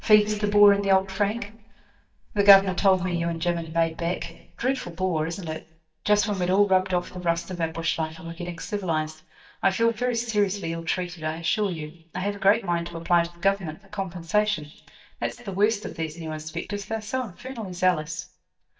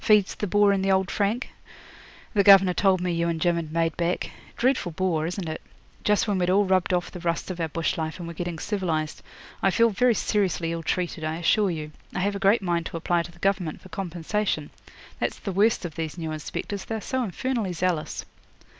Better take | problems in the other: second | noise reduction (neural mask model DeepFilterNet 3)

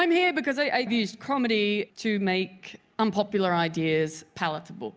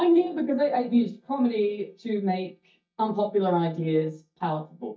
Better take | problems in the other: first | noise reduction (neural mask model DeepFilterNet 3)

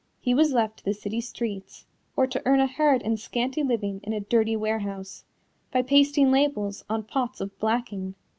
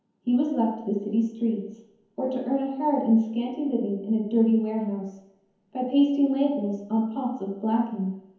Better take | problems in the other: first | room echo; dies away in 0.9 s

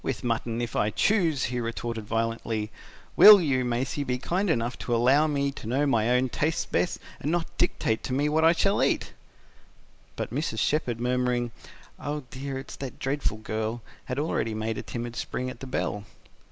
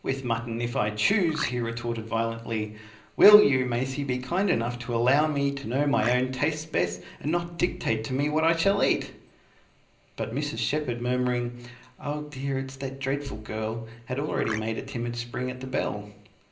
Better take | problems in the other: first | background sound (Marimba, xylophone); 8 dB below the speech // room echo; dies away in 0.5 s

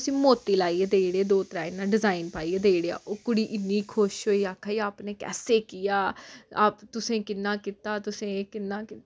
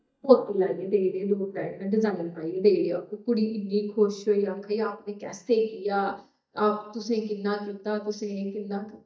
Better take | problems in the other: first | noise reduction (neural mask model DeepFilterNet 3)

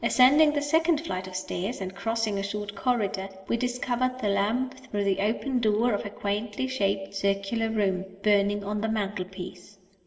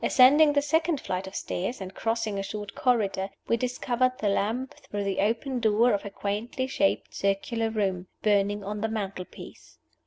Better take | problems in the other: second | room echo; dies away in 1.6 s

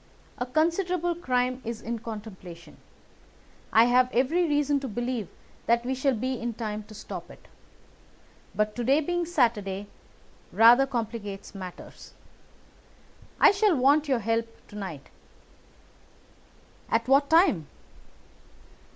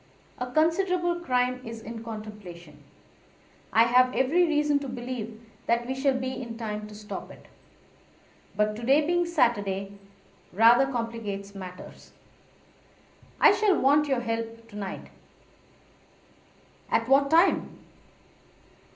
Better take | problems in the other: first | room echo; dies away in 0.5 s

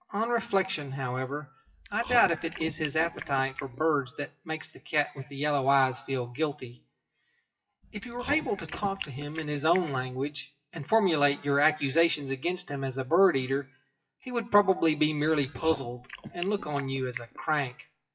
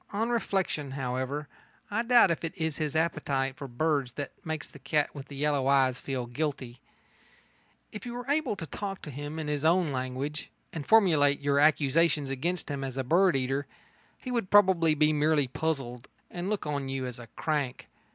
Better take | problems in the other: second | noise reduction (classical method WPE with log-MMSE)

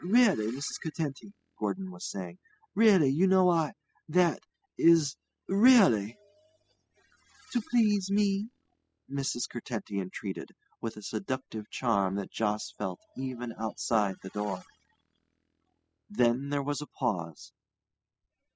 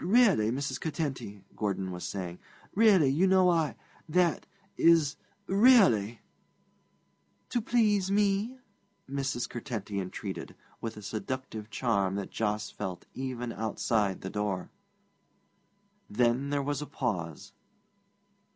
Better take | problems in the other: second | noise reduction (classical method spectral subtraction)

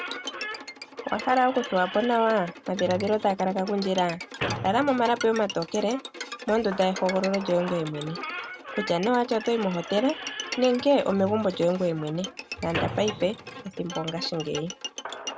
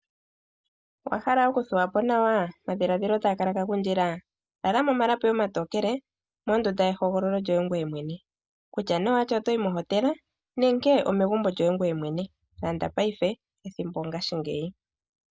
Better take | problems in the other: second | background sound (Bowed string instrument + Squeak / Slam); 10 dB below the speech

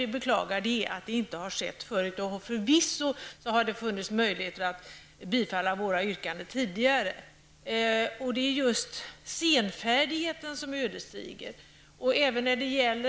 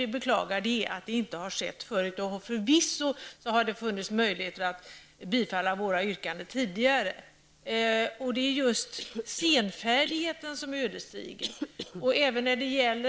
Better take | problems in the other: first | noise reduction (neural separator model SepFormer DNS4)

